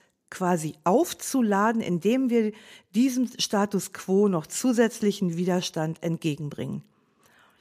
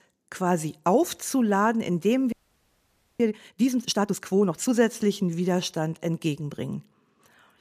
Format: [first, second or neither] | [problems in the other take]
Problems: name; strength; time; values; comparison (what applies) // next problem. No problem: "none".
first | audio freezing; at 2.5 s for 1 s